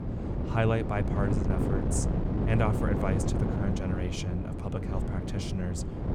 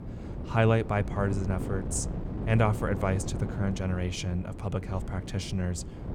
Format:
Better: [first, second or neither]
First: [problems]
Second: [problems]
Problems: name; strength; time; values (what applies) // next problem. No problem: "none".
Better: second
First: wind noise on the microphone; heavy; 2 dB below the speech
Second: wind noise on the microphone; occasional gusts; 10 dB below the speech